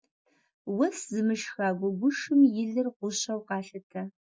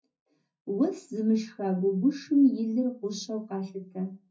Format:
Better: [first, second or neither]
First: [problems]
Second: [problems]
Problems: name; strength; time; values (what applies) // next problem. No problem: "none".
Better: first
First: none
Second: room echo; dies away in 0.4 s